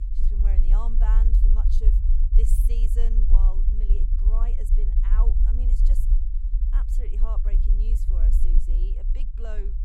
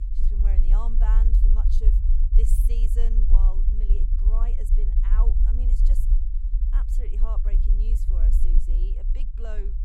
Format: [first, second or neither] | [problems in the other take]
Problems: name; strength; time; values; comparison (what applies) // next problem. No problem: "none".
neither | low rumble; loud; throughout; 2 dB below the speech; the same in both